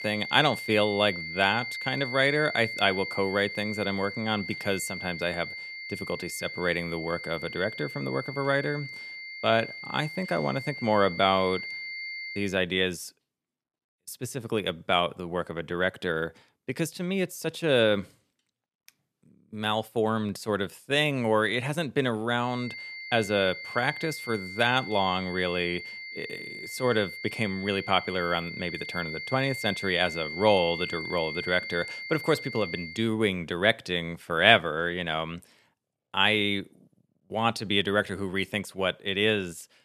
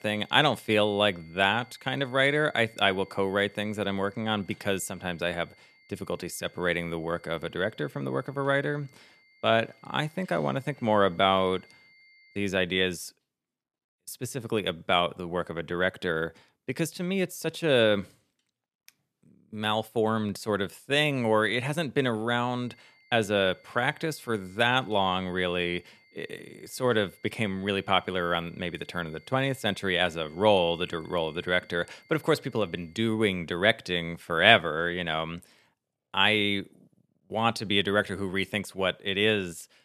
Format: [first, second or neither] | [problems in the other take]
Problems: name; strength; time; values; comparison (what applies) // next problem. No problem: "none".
second | high-pitched whine; loud; until 12 s and from 23 to 33 s; 2 kHz, 9 dB below the speech; faint in the second